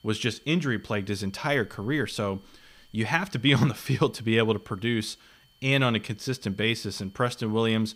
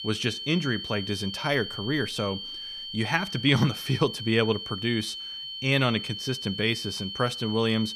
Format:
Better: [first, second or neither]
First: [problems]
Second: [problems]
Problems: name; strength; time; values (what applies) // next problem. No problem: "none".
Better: first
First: high-pitched whine; faint; throughout; 3 kHz, 35 dB below the speech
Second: high-pitched whine; loud; throughout; 3 kHz, 7 dB below the speech